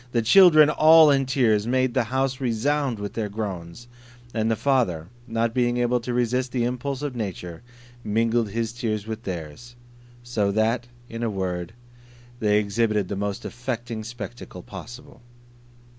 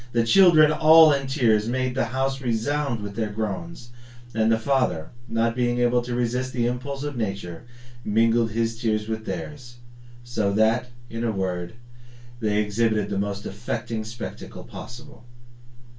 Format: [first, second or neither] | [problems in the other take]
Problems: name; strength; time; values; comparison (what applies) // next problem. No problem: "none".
first | room echo; dies away in 0.2 s